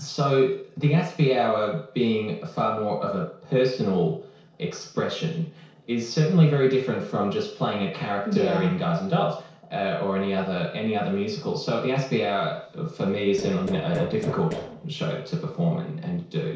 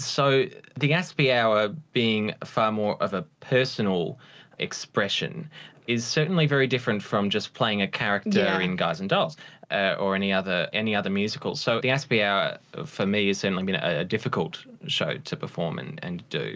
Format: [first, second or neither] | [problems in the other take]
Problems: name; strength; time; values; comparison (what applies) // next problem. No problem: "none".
second | noise reduction (neural separator model SepFormer DNS4)